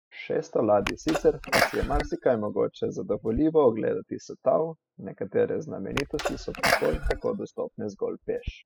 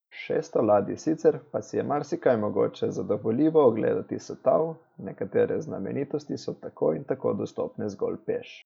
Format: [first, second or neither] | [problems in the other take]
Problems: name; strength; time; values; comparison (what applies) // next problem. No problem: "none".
second | noise reduction (classical method spectral subtraction)